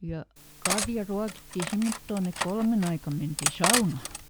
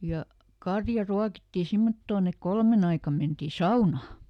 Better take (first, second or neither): second